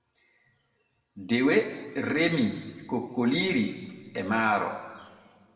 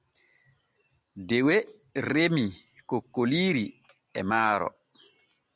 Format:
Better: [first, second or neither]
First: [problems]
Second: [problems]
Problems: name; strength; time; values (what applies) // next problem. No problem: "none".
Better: second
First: room echo; dies away in 1.6 s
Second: none